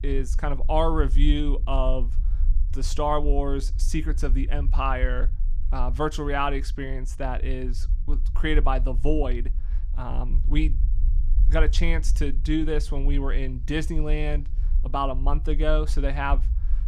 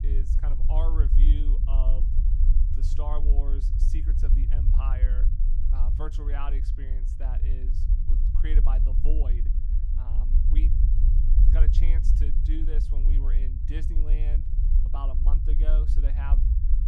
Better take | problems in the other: first | low rumble; loud; throughout; 4 dB below the speech; faint in the first

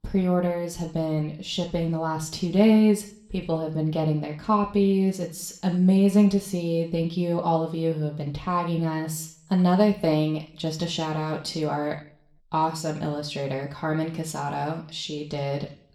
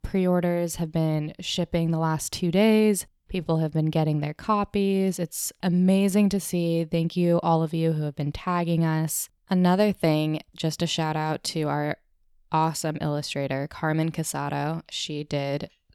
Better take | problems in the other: second | room echo; slight; dies away in 0.5 s // off-mic speech; somewhat distant

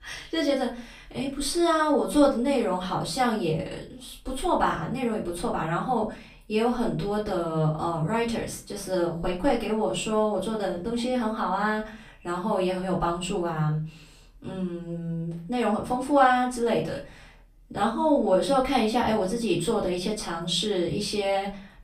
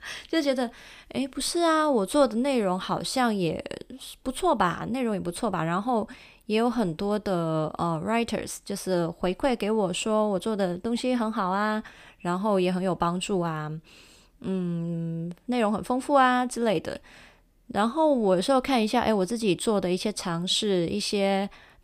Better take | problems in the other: second | room echo; slight; dies away in 0.3 s // off-mic speech; far

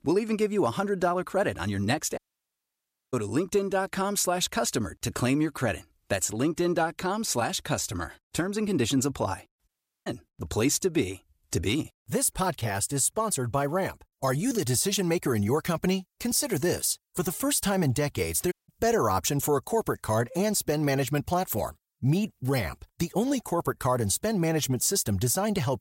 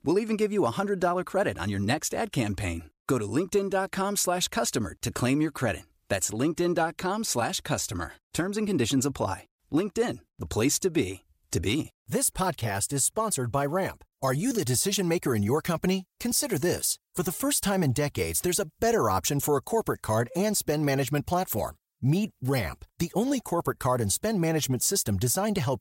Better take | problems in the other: second | audio cutting out; at 2 s for 1 s, at 9.5 s and at 19 s

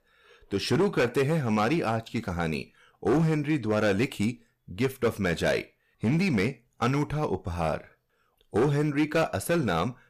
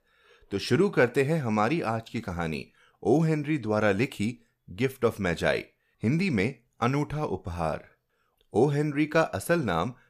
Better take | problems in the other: second | distortion; slight; 7% of the sound clipped

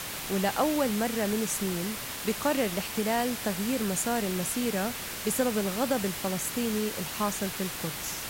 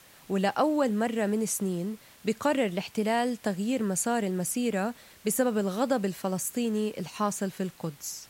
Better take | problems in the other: second | hiss; loud; throughout; 4 dB below the speech; faint in the second

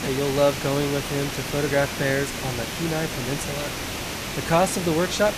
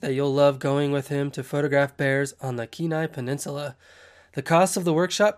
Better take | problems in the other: second | hiss; loud; throughout; 4 dB below the speech

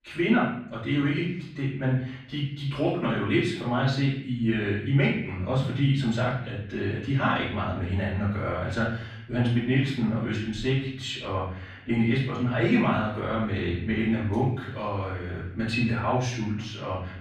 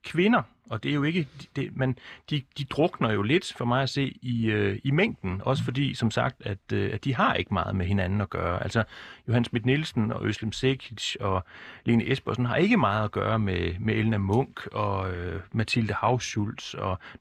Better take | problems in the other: second | off-mic speech; far // room echo; noticeable; dies away in 0.6 s

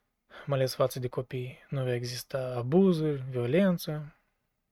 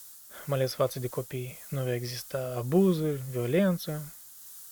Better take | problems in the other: first | hiss; noticeable; throughout; 15 dB below the speech

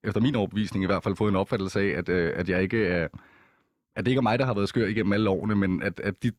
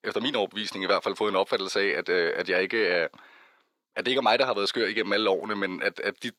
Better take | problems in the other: first | thin; somewhat; fading below 500 Hz

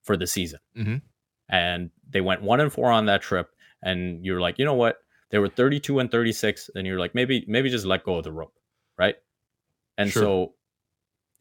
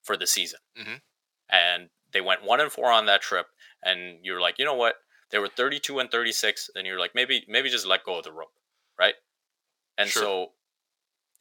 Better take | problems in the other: first | thin; very; fading below 700 Hz

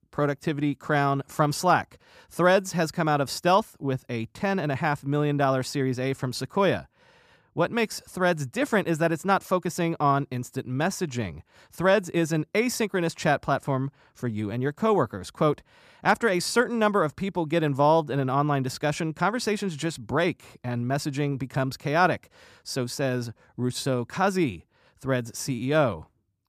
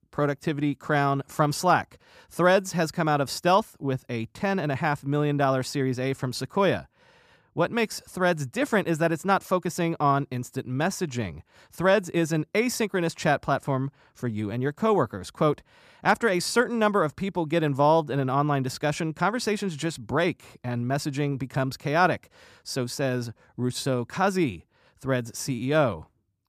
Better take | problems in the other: neither | none

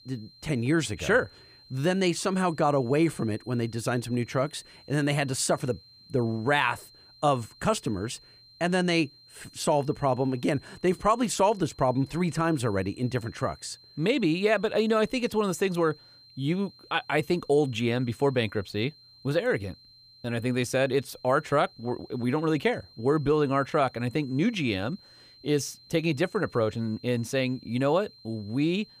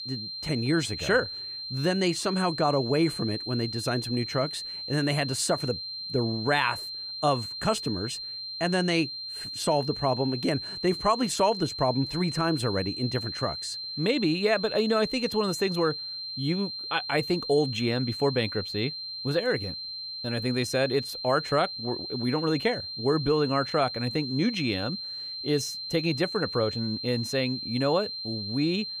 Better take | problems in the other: first | high-pitched whine; loud; throughout; 4 kHz, 6 dB below the speech; faint in the first

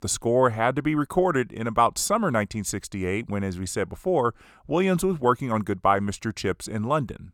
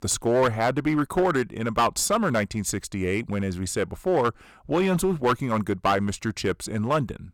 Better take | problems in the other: first | distortion; slight; 6% of the sound clipped

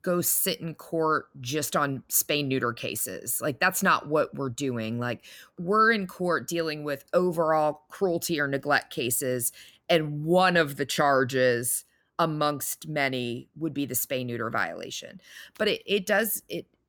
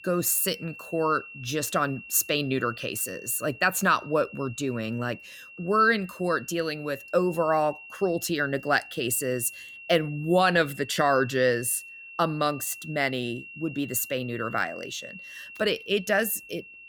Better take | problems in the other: first | high-pitched whine; noticeable; throughout; 2.5 kHz, 15 dB below the speech

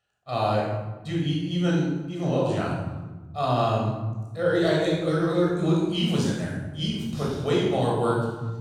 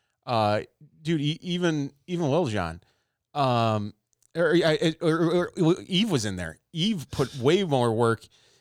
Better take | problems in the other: second | off-mic speech; far // room echo; strong; dies away in 1.5 s

